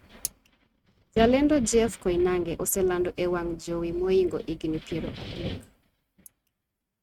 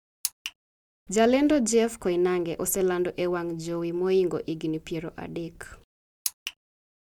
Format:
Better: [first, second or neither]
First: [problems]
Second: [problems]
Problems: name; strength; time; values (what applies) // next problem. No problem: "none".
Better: second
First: noise reduction (neural mask model RNNoise)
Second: none